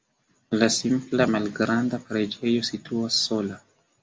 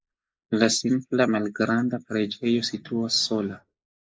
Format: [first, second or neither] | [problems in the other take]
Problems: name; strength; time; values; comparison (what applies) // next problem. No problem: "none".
first | noise reduction (neural mask model Resemble Enhance denoiser)